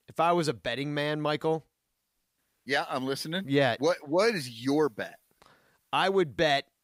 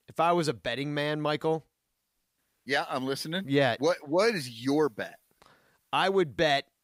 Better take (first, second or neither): neither